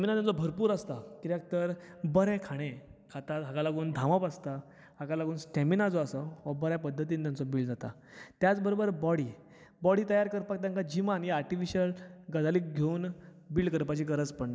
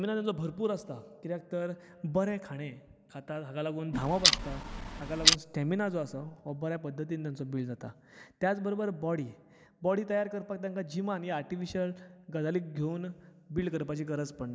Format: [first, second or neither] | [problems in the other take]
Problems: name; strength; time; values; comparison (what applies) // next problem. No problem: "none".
first | background sound (Clock); 4 dB above the speech